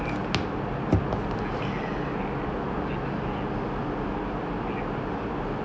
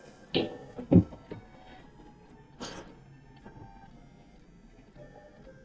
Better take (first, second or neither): first